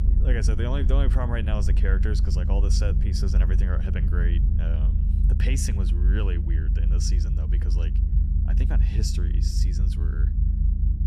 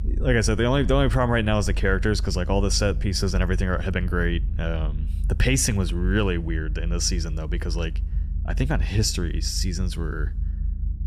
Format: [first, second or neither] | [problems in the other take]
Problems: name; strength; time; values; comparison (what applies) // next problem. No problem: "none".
second | low rumble; loud; throughout; 5 dB below the speech; faint in the second